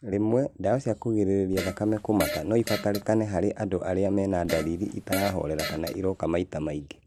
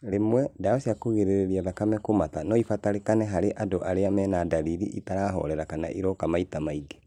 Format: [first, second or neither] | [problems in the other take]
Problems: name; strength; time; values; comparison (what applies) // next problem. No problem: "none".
second | background sound (Fart); 9 dB below the speech